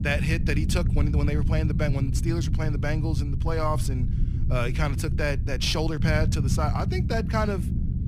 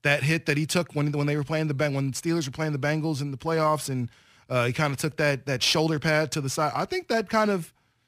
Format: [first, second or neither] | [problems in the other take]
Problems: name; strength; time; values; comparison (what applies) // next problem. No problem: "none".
second | low rumble; loud; throughout; 9 dB below the speech